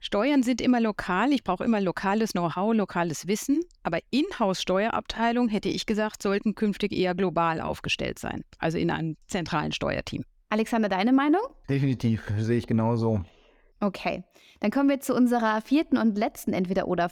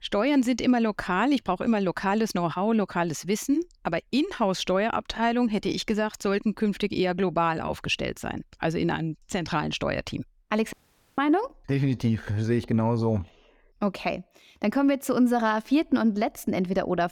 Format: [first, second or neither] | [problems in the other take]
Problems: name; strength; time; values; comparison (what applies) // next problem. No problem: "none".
first | audio cutting out; at 11 s